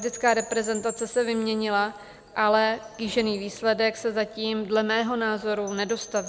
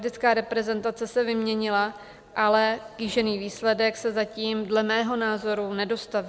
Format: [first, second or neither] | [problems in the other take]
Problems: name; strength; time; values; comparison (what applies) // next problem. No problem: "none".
second | background sound (Wind chime / Percussion); 18 dB below the speech